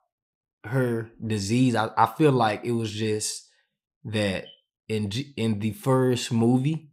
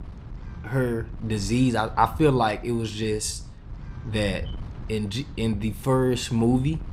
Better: first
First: none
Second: wind noise on the microphone; occasional gusts; 25 dB below the speech

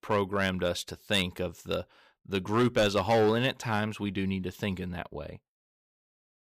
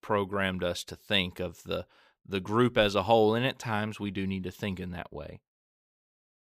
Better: second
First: distortion; slight; 2% of the sound clipped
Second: none

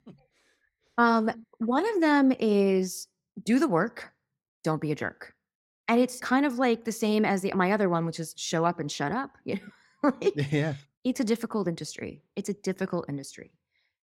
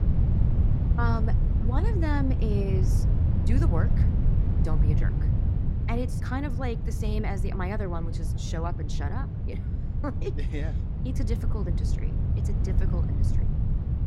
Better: first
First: none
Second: wind noise on the microphone; heavy; 4 dB below the speech

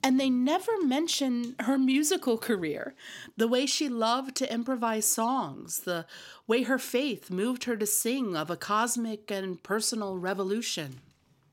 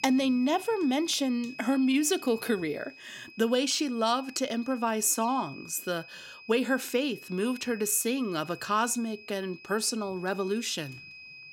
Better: first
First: none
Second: high-pitched whine; noticeable; throughout; 2.5 kHz, 15 dB below the speech

